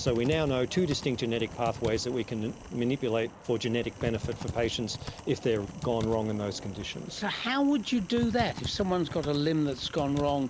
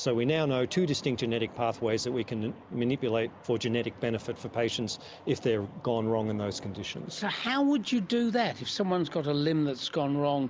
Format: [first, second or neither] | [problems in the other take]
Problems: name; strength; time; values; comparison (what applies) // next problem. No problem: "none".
second | background sound (Typing); 13 dB below the speech